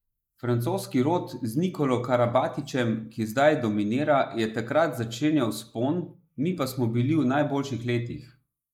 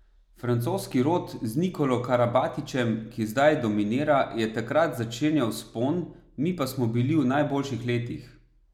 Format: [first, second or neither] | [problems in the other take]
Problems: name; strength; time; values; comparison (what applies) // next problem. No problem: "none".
second | noise reduction (neural mask model Resemble Enhance denoiser)